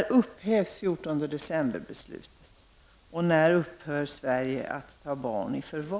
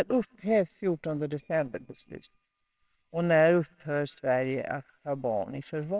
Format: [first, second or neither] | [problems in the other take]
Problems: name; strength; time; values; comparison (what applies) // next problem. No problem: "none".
first | noise reduction (neural separator model SepFormer WHAMR!)